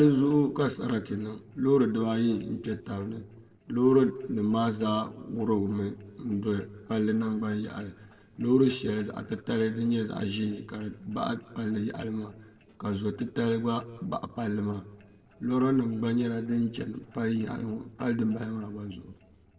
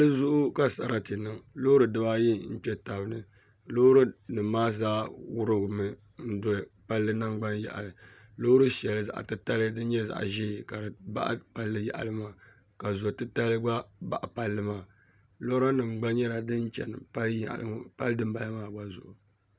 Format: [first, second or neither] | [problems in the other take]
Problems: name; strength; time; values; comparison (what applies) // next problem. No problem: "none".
second | noise reduction (neural separator model SepFormer DNS4)